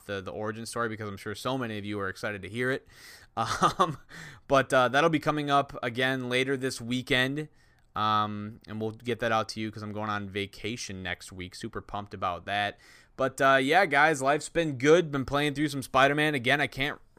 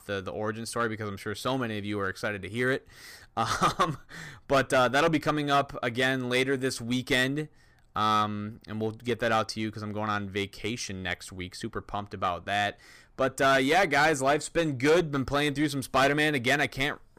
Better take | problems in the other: first | distortion; slight; 5% of the sound clipped

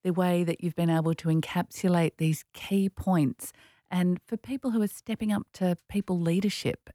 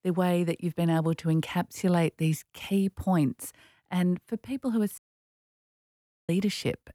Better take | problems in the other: first | audio cutting out; at 5 s for 1.5 s

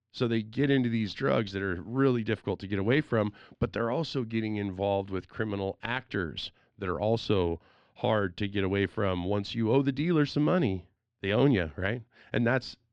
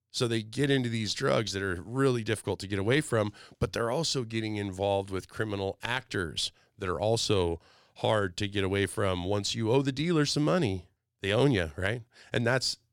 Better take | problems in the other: second | muffled; slightly; fading above 3.5 kHz

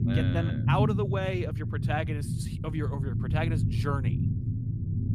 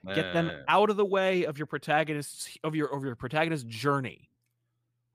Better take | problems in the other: second | low rumble; loud; throughout; 6 dB below the speech

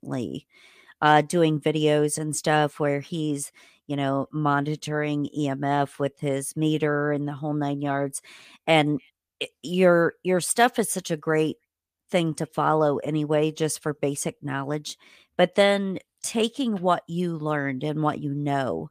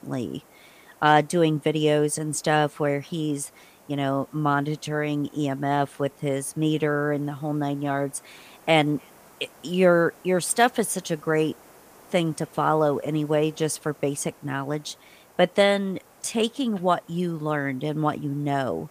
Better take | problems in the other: first | hiss; faint; throughout; 25 dB below the speech

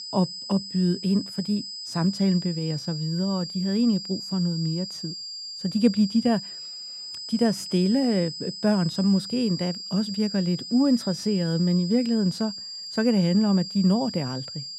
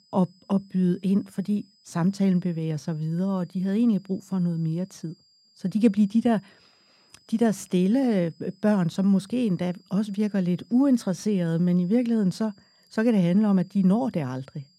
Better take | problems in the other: second | high-pitched whine; loud; throughout; 5 kHz, 9 dB below the speech; faint in the second

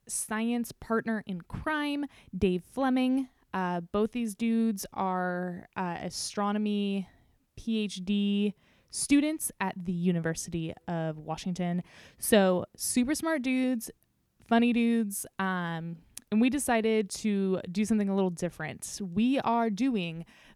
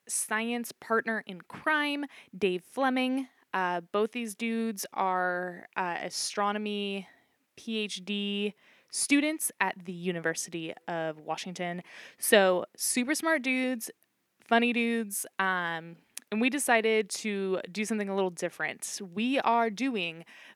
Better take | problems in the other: first | thin; very slightly; fading below 300 Hz

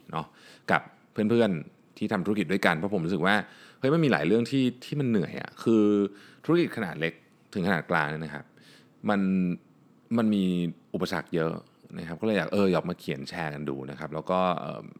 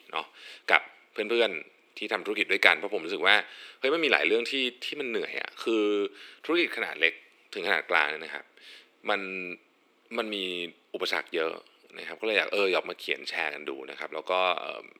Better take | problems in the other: first | thin; very; fading below 350 Hz

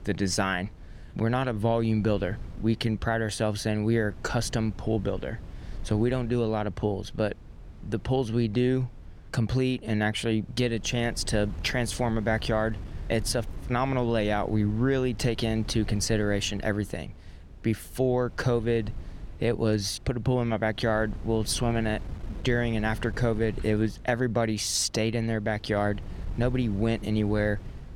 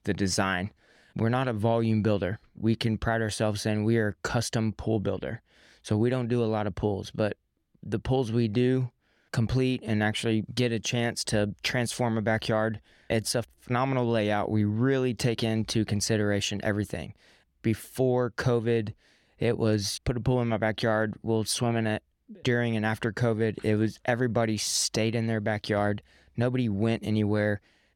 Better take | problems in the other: second | wind noise on the microphone; occasional gusts; 25 dB below the speech

